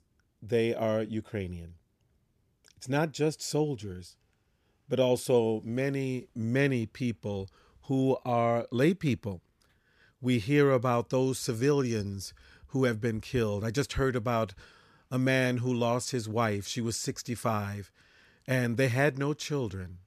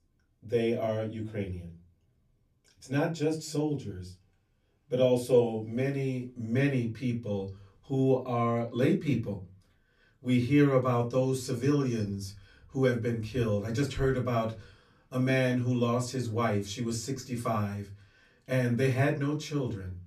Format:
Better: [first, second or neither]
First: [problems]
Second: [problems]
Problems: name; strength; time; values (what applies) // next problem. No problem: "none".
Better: first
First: none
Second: off-mic speech; far // room echo; very slight; dies away in 0.3 s